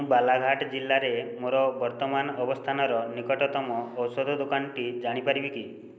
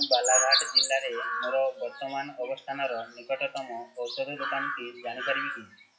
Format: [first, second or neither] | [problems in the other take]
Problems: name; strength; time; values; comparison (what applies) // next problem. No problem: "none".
first | noise reduction (classical method WPE with log-MMSE)